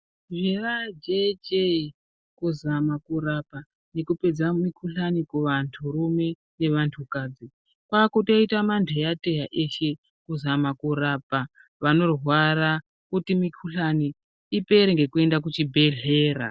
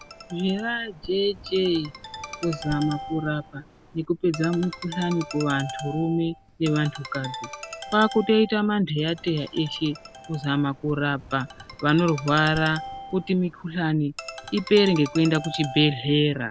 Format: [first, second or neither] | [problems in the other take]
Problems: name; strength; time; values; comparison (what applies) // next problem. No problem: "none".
first | background sound (Ringtone); 14 dB below the speech